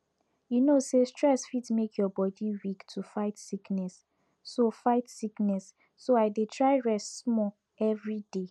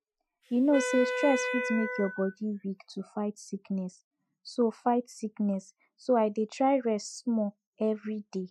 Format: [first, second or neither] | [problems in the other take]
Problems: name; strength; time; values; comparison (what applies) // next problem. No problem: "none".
first | noise reduction (classical method Wiener filter)